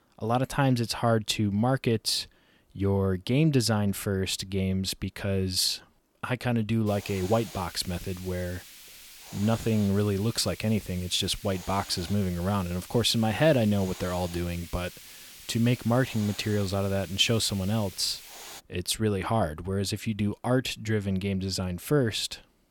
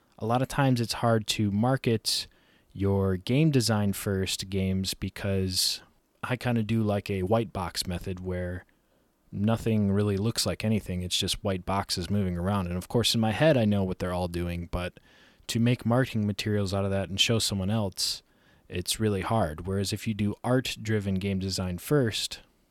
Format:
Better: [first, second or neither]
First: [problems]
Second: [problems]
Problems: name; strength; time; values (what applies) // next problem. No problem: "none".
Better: second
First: hiss; noticeable; from 7 to 19 s; 15 dB below the speech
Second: none